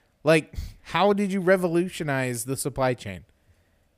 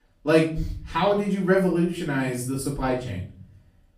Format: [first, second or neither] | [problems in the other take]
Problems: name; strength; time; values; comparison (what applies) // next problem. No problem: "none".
first | off-mic speech; far // room echo; noticeable; dies away in 0.5 s